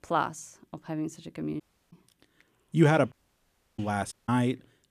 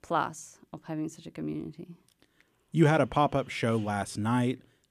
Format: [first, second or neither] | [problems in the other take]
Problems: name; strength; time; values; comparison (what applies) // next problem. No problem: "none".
second | audio cutting out; at 1.5 s, at 3 s for 0.5 s and at 4 s